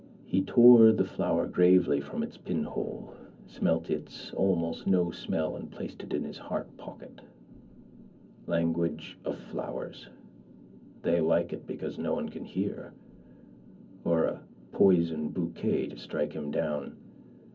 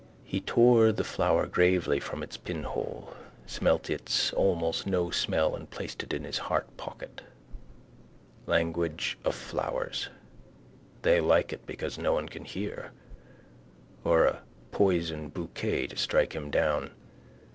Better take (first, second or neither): second